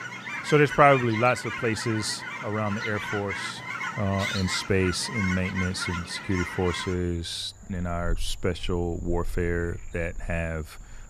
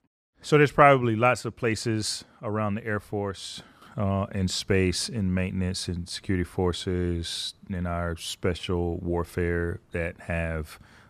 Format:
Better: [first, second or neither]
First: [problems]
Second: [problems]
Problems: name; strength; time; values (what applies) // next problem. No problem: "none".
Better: second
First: animal sounds; loud; throughout; 7 dB below the speech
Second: none